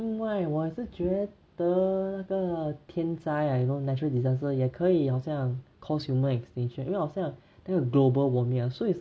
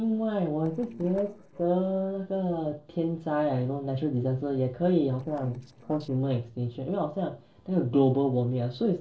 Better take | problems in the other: first | noise reduction (neural separator model SepFormer DNS4)

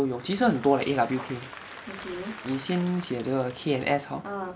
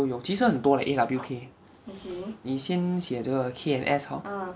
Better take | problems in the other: second | background sound (Applause / Crowd); 17 dB below the speech

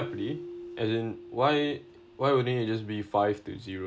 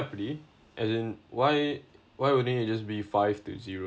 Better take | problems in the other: second | background sound (Keyboard (musical)); 15 dB below the speech

